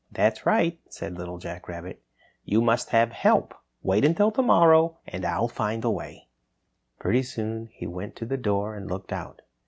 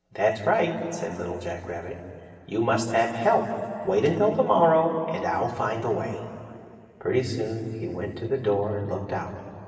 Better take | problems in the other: first | room echo; dies away in 2.6 s

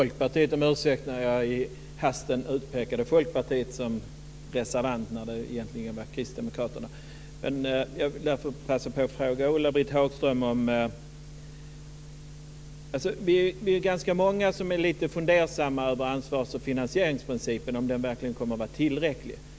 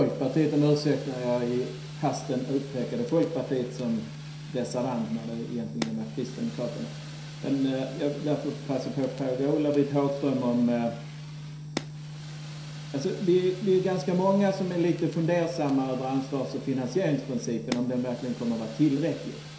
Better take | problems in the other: first | background sound (Fire); 19 dB below the speech // room echo; dies away in 0.7 s

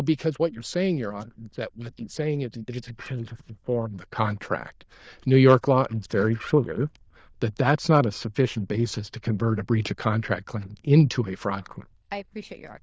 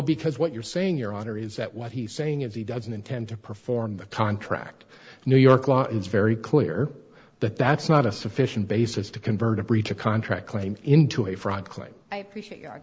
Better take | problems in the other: second | noise reduction (neural diffusion model UNIVERSE++)

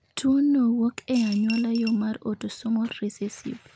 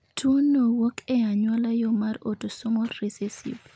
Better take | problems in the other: second | background sound (Coin (dropping) / Glass); 14 dB below the speech

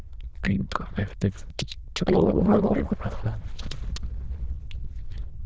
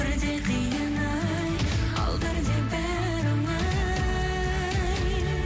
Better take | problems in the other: second | noise reduction (neural diffusion model UNIVERSE++)

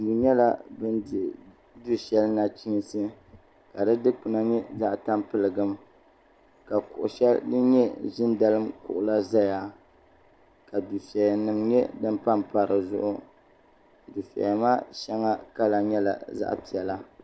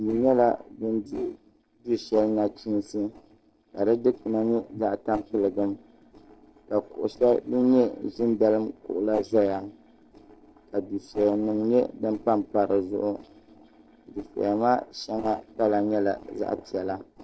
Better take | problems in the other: first | noise reduction (neural separator model SepFormer DNS4)

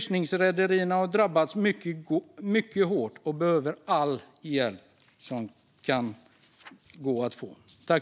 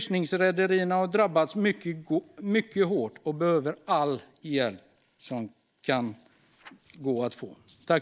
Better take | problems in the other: first | noise reduction (neural mask model Resemble Enhance denoiser)

